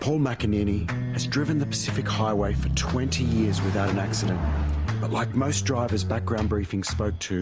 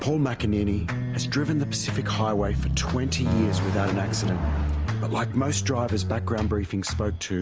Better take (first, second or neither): first